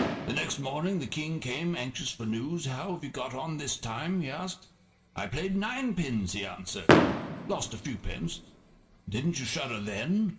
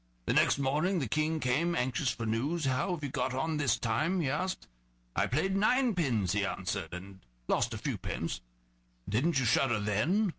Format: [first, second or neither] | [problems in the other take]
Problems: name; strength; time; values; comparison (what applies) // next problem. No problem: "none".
second | background sound (Fireworks); 2 dB below the speech // room echo; dies away in 0.7 s